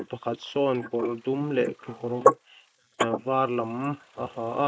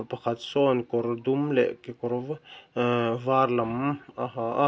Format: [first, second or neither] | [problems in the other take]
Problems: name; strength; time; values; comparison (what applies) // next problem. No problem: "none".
second | noise reduction (neural mask model Resemble Enhance denoiser)